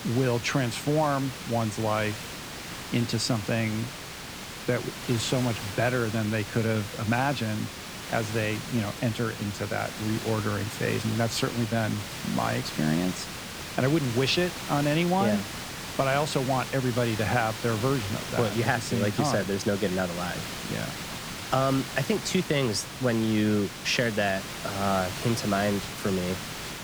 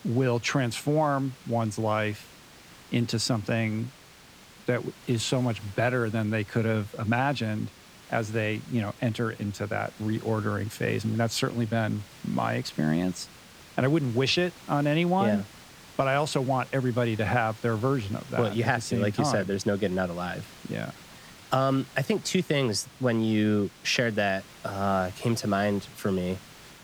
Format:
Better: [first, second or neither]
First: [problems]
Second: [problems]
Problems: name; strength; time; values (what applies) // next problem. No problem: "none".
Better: second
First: hiss; loud; throughout; 8 dB below the speech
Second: hiss; faint; throughout; 20 dB below the speech